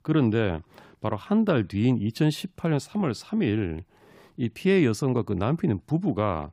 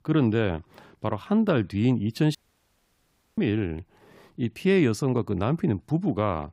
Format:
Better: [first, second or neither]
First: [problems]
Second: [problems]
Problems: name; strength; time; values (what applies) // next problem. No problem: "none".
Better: first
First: none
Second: audio cutting out; at 2.5 s for 1 s